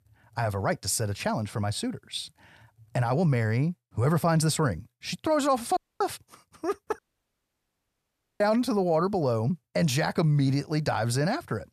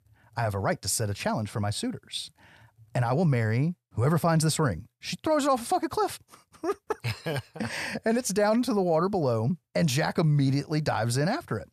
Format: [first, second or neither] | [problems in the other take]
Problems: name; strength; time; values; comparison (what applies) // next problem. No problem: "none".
second | audio cutting out; at 6 s and at 7 s for 1.5 s